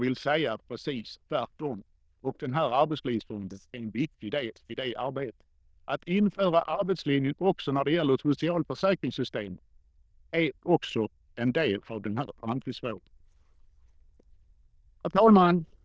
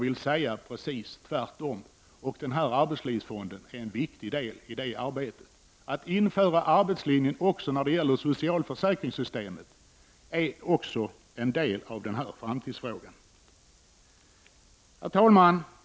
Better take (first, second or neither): second